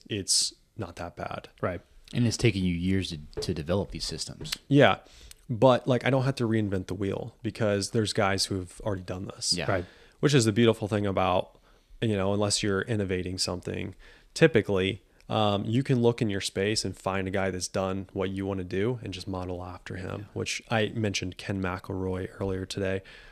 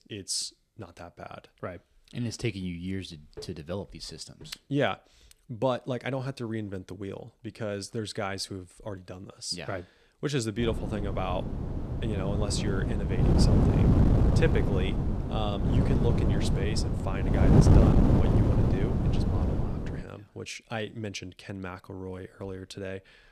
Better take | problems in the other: first | wind noise on the microphone; heavy; from 11 to 20 s; 2 dB above the speech

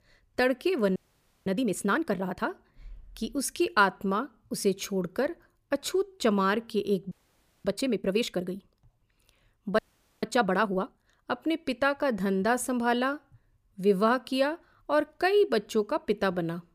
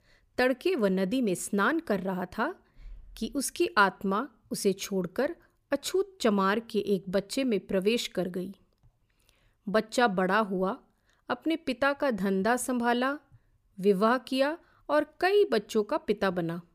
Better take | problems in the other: second | audio freezing; at 1 s for 0.5 s, at 7 s for 0.5 s and at 10 s

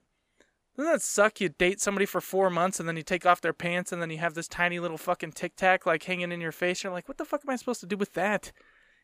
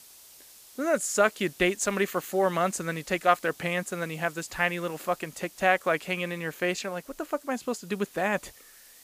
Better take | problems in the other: first | hiss; faint; throughout; 20 dB below the speech

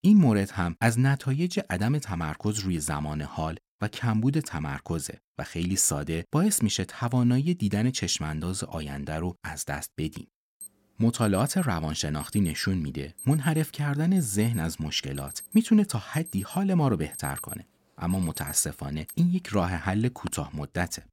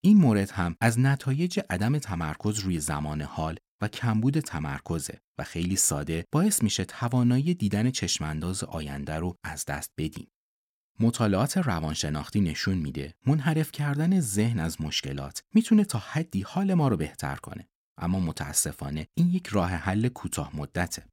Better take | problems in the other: second | alarm; noticeable; from 11 to 20 s; peak 9 dB below the speech

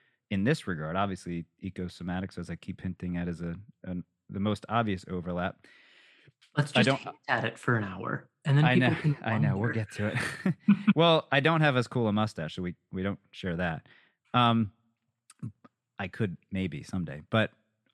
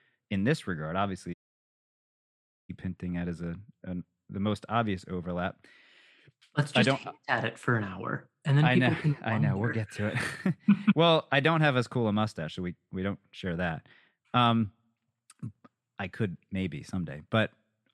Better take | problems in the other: first | audio cutting out; at 1.5 s for 1.5 s

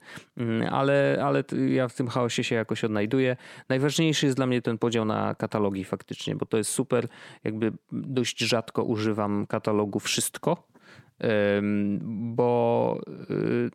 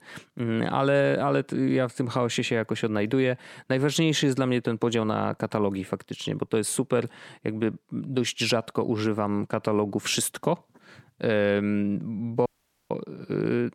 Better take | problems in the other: first | audio cutting out; at 12 s

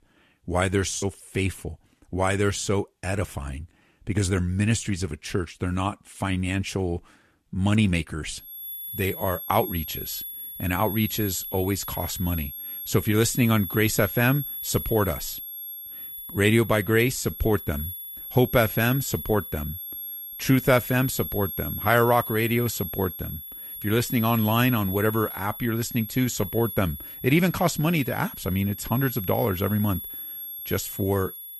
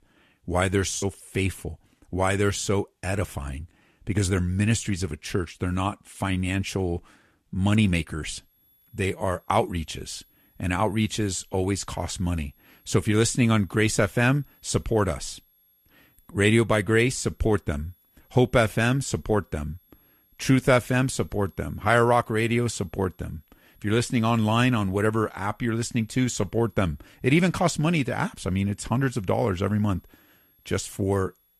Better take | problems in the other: second | high-pitched whine; loud; from 8.5 s on; 11.5 kHz, 8 dB below the speech; faint in the second

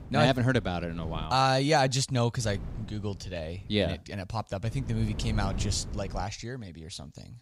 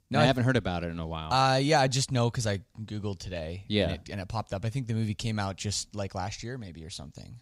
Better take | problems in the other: second | wind noise on the microphone; occasional gusts; until 1.5 s, from 2.5 to 4 s and from 4.5 to 6 s; 20 dB below the speech

